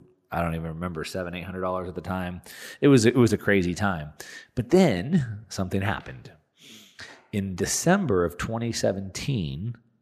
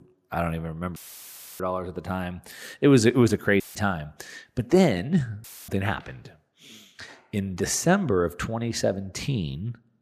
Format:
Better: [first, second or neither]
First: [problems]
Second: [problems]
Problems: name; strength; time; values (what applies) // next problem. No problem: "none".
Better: first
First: none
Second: audio cutting out; filled with static; at 1 s for 0.5 s, at 3.5 s and at 5.5 s